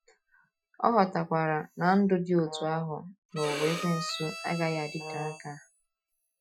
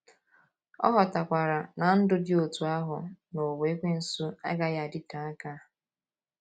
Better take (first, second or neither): second